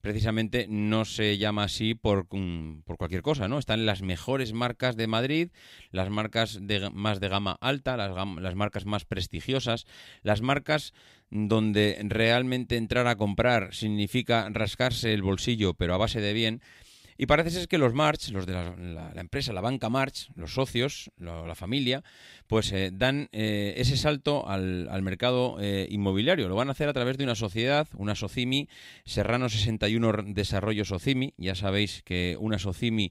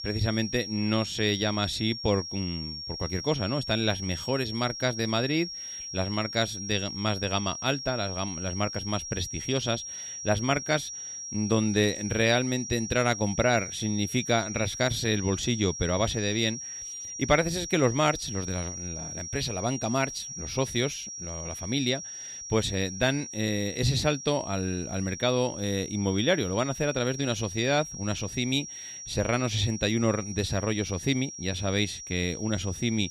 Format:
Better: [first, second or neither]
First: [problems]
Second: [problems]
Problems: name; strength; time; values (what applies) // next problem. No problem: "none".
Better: first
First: none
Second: high-pitched whine; loud; throughout; 5.5 kHz, 8 dB below the speech